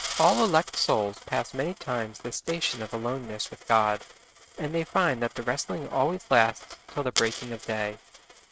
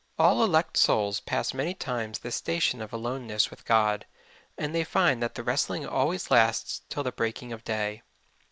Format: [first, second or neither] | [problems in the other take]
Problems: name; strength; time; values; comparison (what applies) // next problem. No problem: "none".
second | noise reduction (neural mask model RNNoise)